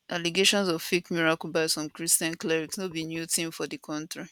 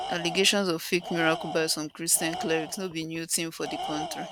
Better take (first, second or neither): first